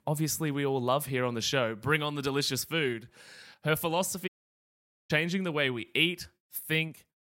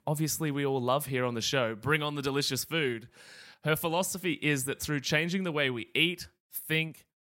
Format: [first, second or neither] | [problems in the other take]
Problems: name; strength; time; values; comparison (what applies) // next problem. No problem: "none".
second | audio cutting out; at 4.5 s for 1 s